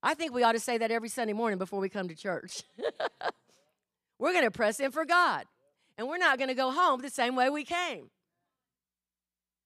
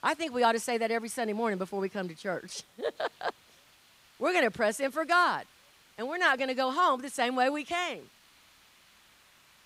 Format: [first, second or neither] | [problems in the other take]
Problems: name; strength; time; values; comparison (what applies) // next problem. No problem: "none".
first | hiss; faint; throughout; 30 dB below the speech